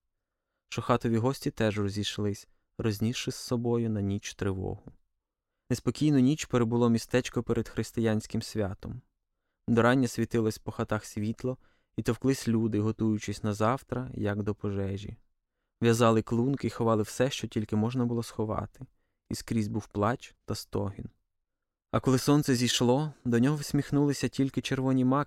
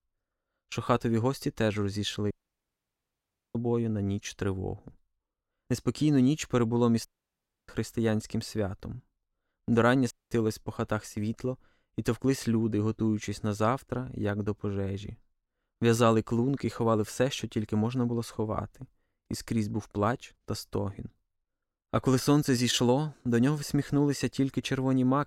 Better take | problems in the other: first | audio cutting out; at 2.5 s for 1 s, at 7 s for 0.5 s and at 10 s

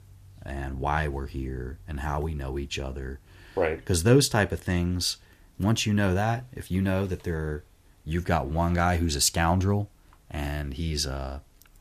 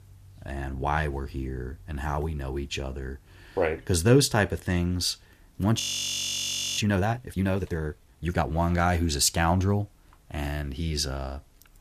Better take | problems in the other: first | audio freezing; at 6 s for 1 s

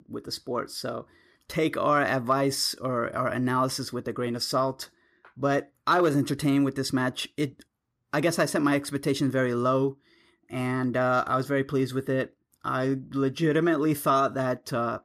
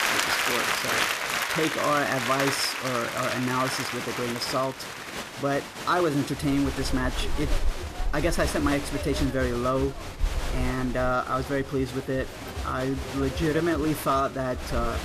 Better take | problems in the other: first | crowd noise; loud; throughout; 3 dB below the speech

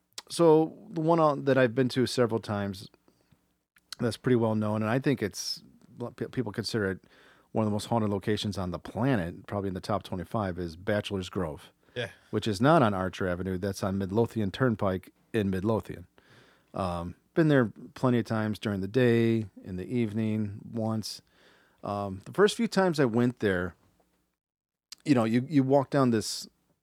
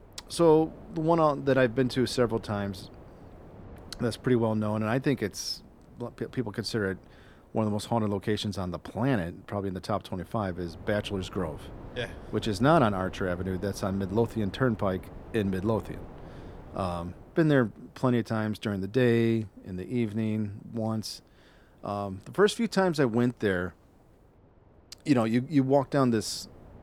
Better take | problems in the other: first | wind noise on the microphone; occasional gusts; 25 dB below the speech

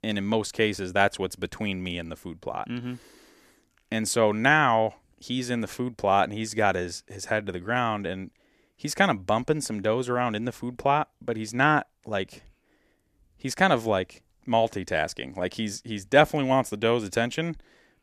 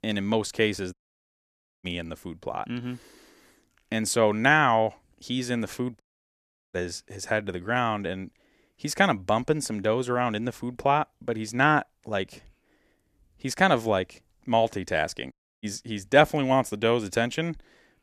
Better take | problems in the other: first | audio cutting out; at 1 s for 1 s, at 6 s for 0.5 s and at 15 s

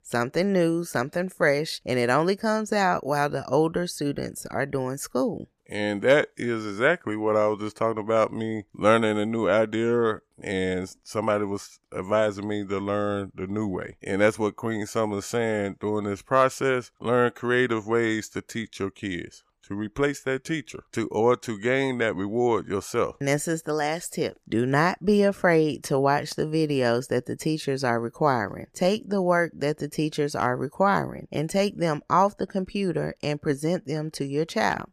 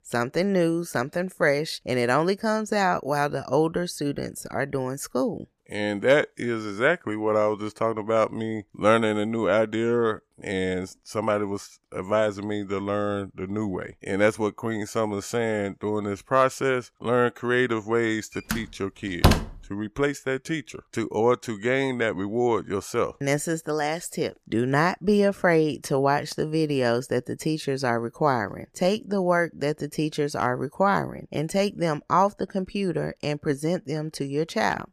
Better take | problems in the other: first | door banging; loud; at 19 s; peak 4 dB above the speech

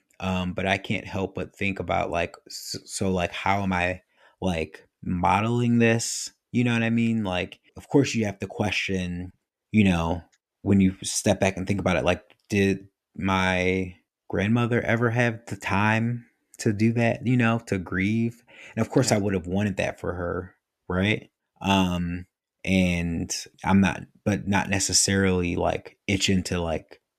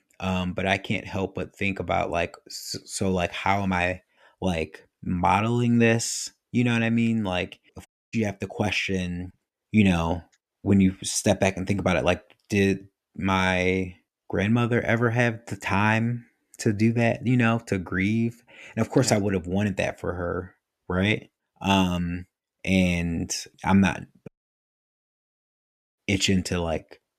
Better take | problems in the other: first | audio cutting out; at 8 s and at 24 s for 1.5 s

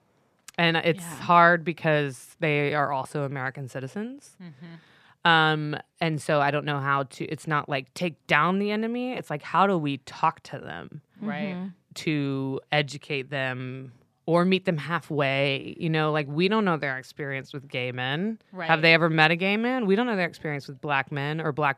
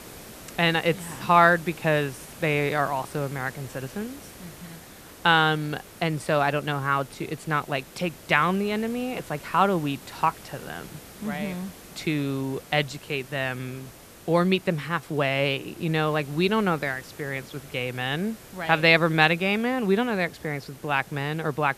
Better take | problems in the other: first | hiss; noticeable; throughout; 20 dB below the speech

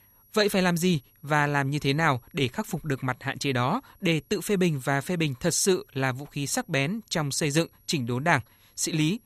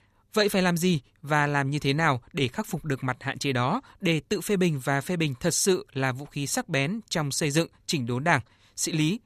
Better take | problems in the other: second | high-pitched whine; faint; throughout; 11.5 kHz, 35 dB below the speech

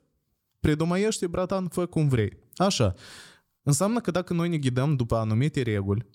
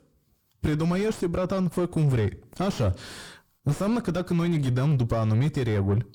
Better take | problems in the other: first | distortion; heavy; 6 dB below the speech

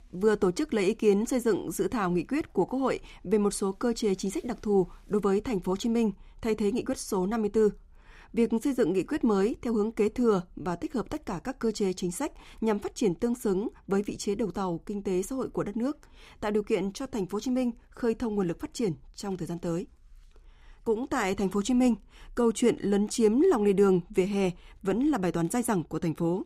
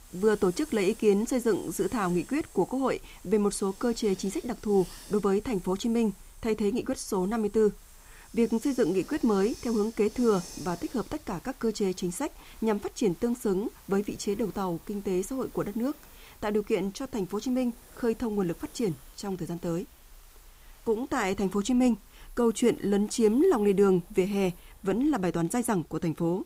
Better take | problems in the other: first | hiss; faint; throughout; 20 dB below the speech

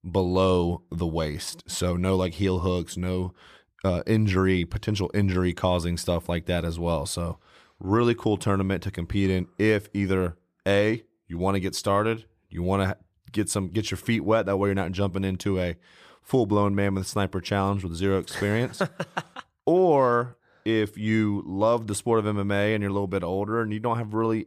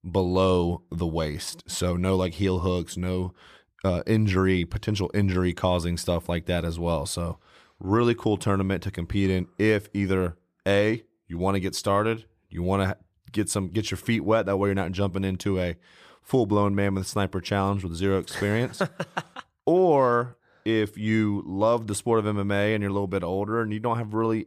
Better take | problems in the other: neither | none

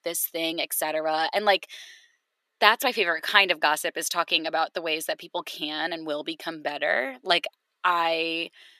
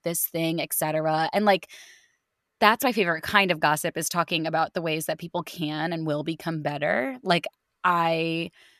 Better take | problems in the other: second | thin; somewhat; fading below 350 Hz

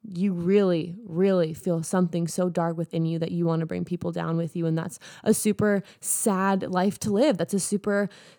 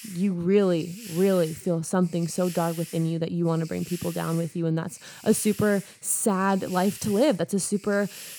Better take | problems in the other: first | hiss; noticeable; throughout; 15 dB below the speech

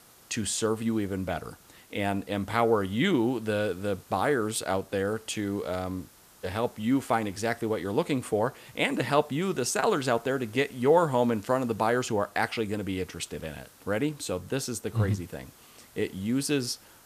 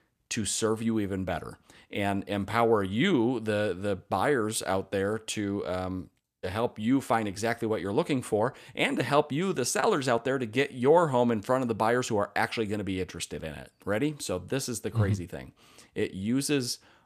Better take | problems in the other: second | hiss; faint; throughout; 25 dB below the speech

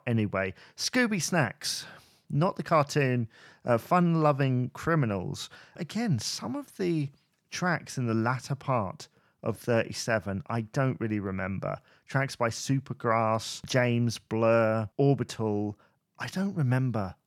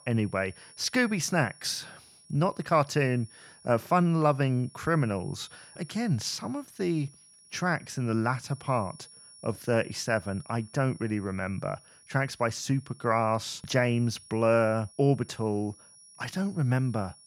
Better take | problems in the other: first | high-pitched whine; faint; throughout; 10 kHz, 25 dB below the speech

